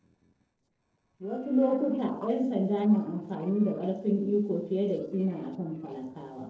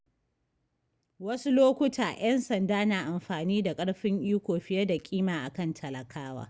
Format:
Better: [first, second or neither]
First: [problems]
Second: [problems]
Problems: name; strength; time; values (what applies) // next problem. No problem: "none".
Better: second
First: noise reduction (neural separator model SepFormer DNS4)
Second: none